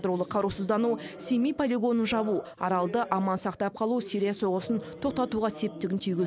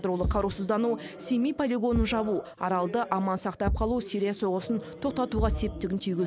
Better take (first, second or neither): first